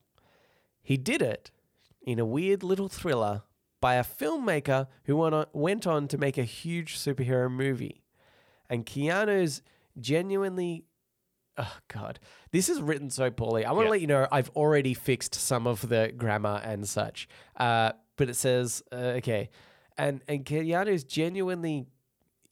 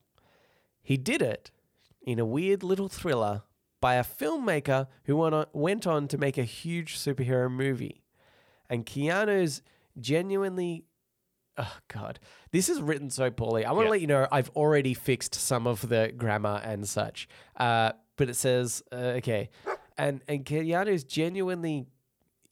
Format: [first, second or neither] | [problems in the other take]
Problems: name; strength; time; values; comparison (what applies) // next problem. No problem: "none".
first | dog barking; noticeable; at 20 s; peak 9 dB below the speech